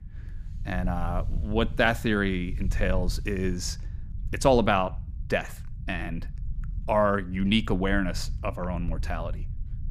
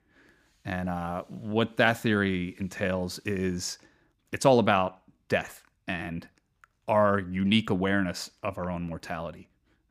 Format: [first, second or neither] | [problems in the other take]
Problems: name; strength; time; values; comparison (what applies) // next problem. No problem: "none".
second | low rumble; faint; throughout; 25 dB below the speech